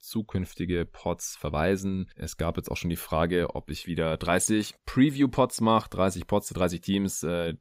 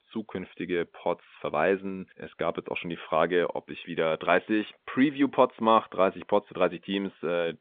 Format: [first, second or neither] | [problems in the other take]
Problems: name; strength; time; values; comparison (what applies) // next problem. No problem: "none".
first | phone-call audio; nothing above 3.5 kHz